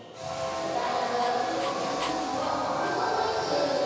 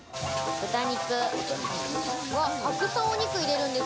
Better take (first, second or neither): second